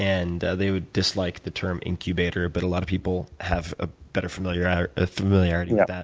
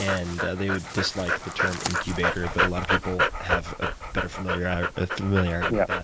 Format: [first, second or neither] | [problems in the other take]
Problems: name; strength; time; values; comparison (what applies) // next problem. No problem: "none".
first | background sound (Dog); as loud as the speech